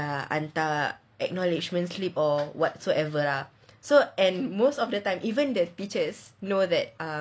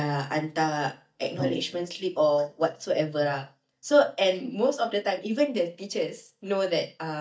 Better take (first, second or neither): first